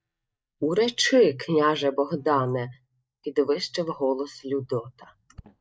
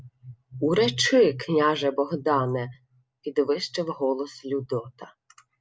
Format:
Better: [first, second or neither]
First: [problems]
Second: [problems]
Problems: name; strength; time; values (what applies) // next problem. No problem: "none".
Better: second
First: noise reduction (neural mask model DeepFilterNet 3)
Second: none